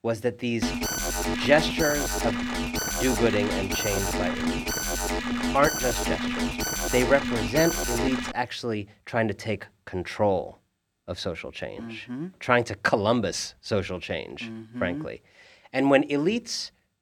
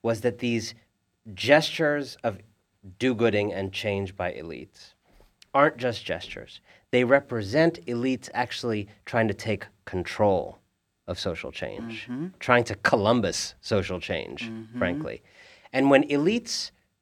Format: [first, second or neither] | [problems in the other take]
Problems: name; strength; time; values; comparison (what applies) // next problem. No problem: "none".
second | alarm; loud; from 0.5 to 8.5 s; peak level with the speech